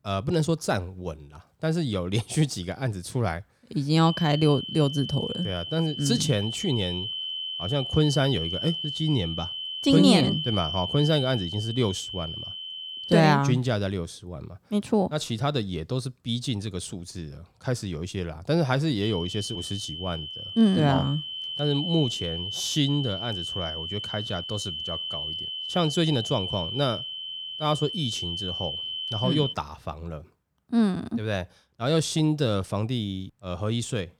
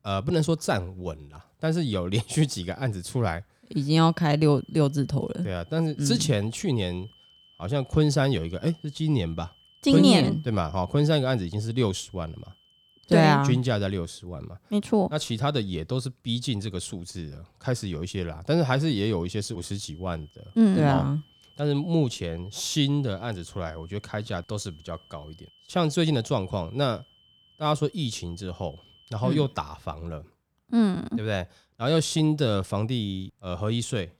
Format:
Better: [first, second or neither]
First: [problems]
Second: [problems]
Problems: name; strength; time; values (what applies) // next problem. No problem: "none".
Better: second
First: high-pitched whine; loud; from 4 to 13 s and from 19 to 30 s; 3 kHz, 5 dB below the speech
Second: high-pitched whine; faint; from 4 to 13 s and from 19 to 30 s; 3 kHz, 30 dB below the speech